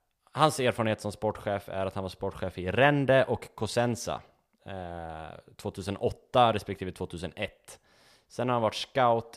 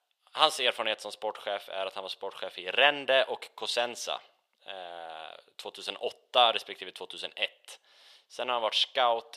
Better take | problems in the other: first | thin; very; fading below 600 Hz

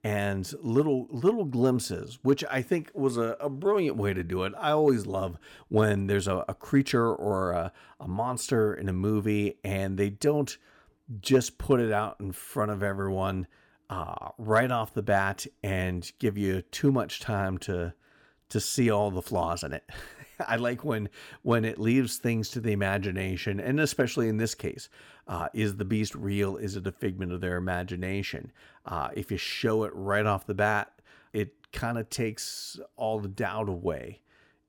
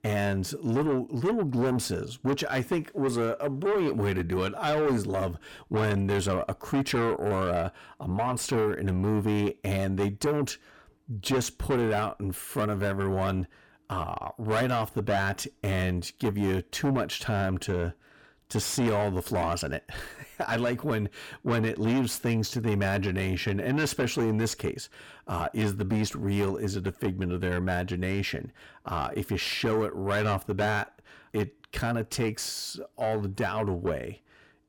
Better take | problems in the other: first | distortion; heavy; 8 dB below the speech

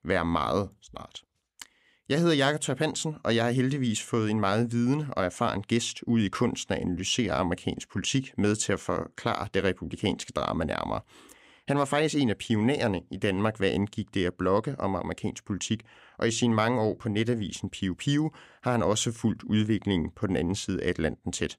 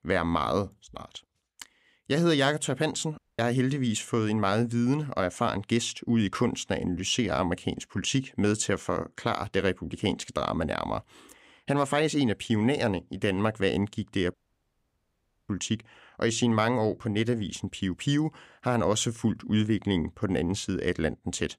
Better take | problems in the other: first | audio cutting out; at 3 s and at 14 s for 1 s

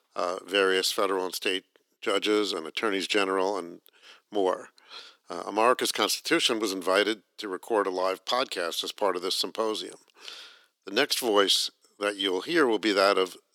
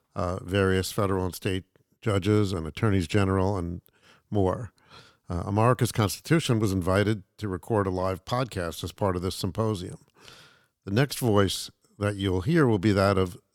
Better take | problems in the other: second | thin; somewhat; fading below 300 Hz

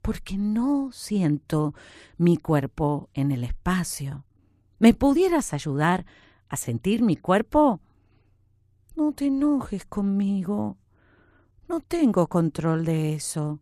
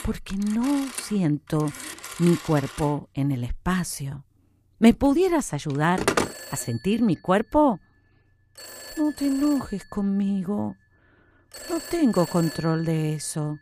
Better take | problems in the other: first | alarms or sirens; loud; throughout; 10 dB below the speech

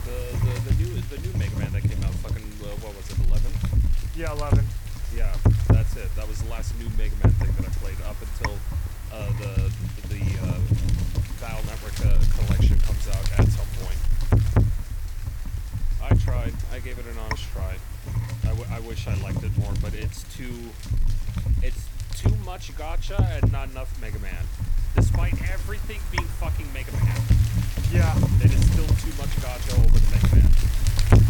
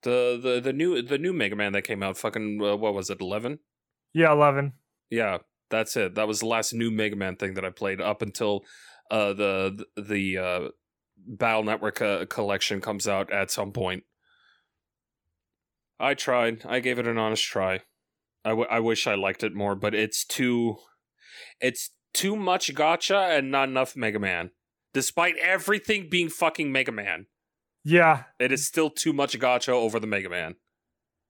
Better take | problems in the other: second | wind noise on the microphone; heavy; 3 dB above the speech

